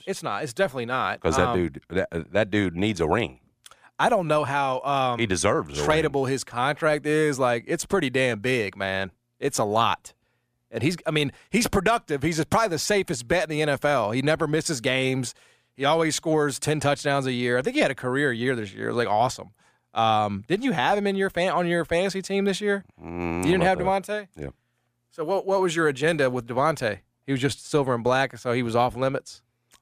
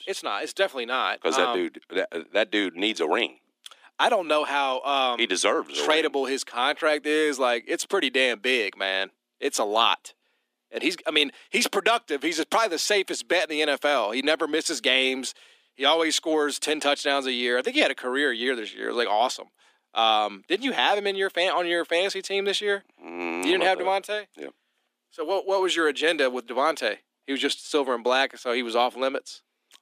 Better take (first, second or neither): first